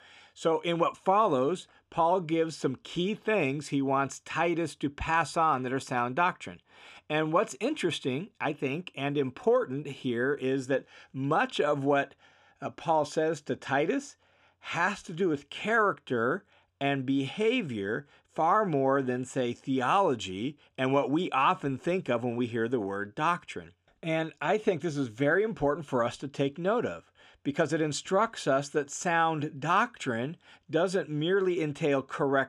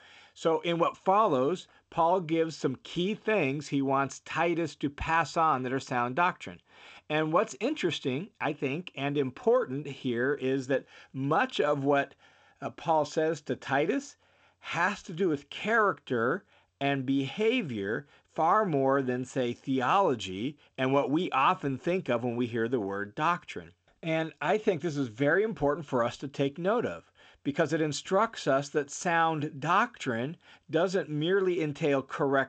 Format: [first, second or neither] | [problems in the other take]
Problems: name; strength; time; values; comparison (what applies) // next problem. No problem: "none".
first | garbled, watery; slightly; nothing above 8 kHz